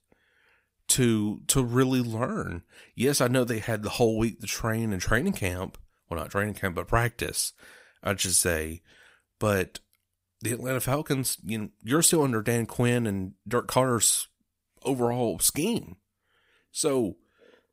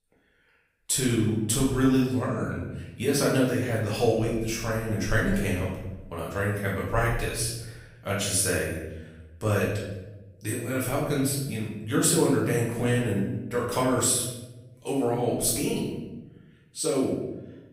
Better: first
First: none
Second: room echo; noticeable; dies away in 1 s // off-mic speech; far

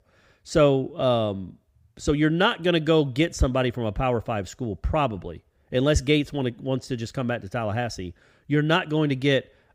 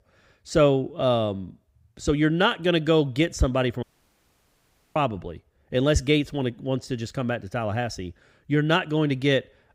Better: first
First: none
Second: audio cutting out; at 4 s for 1 s

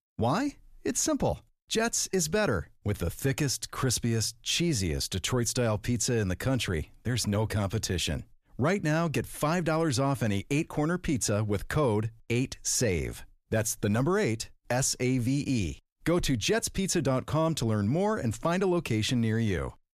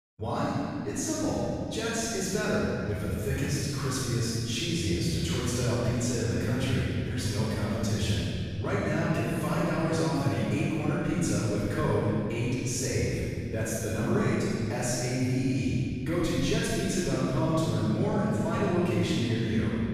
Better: first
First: none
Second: off-mic speech; far // room echo; strong; dies away in 3 s

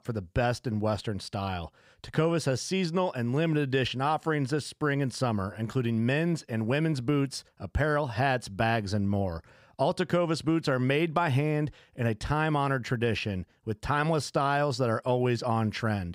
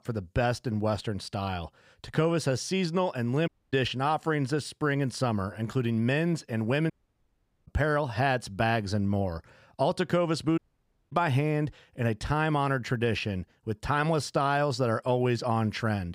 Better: first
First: none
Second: audio cutting out; at 3.5 s, at 7 s for 1 s and at 11 s for 0.5 s

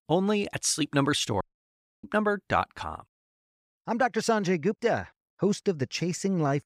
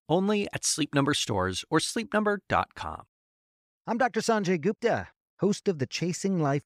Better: second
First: audio cutting out; at 1.5 s for 0.5 s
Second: none

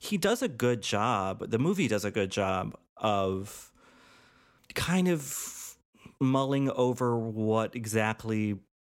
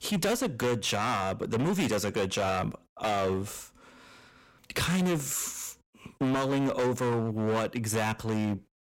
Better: first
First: none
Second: distortion; heavy; 16% of the sound clipped

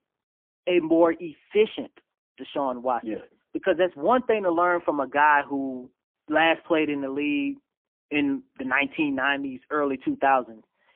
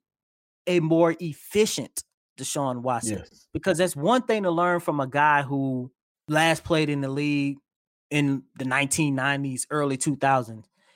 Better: second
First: phone-call audio; poor line; nothing above 3 kHz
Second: none

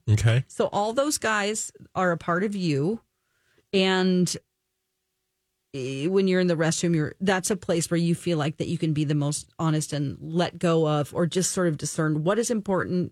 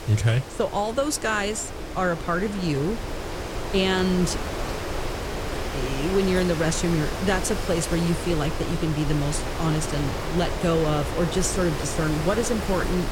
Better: first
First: none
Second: wind noise on the microphone; heavy; 4 dB below the speech

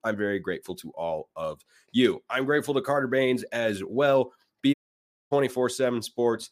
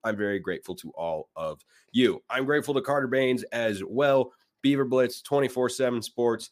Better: second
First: audio cutting out; at 4.5 s for 0.5 s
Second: none

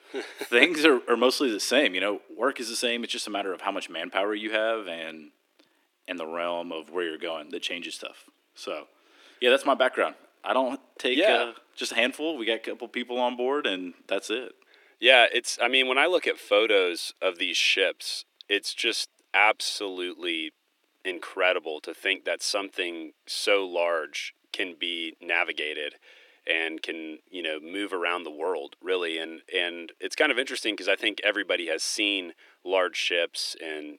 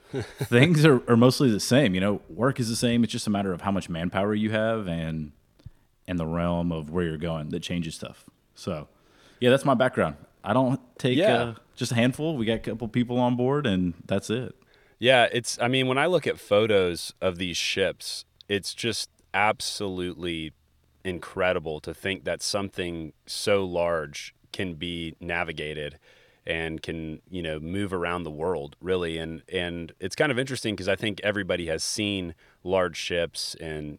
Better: second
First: thin; somewhat; fading below 300 Hz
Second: none

